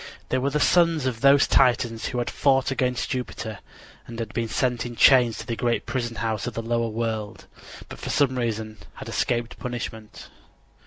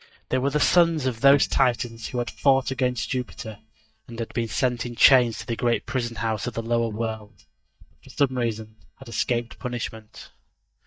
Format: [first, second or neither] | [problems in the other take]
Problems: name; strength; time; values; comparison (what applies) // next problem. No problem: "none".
first | noise reduction (neural mask model DeepFilterNet 3)